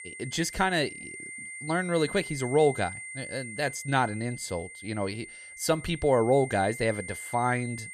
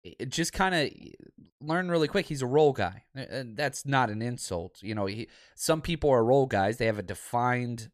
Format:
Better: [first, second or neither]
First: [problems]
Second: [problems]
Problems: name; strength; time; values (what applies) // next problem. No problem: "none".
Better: second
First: high-pitched whine; noticeable; throughout; 2 kHz, 10 dB below the speech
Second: none